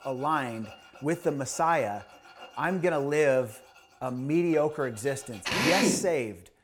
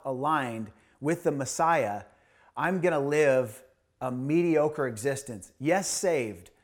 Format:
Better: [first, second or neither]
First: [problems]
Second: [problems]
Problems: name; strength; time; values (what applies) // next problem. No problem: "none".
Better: second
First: machinery noise; very loud; throughout; 1 dB above the speech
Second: none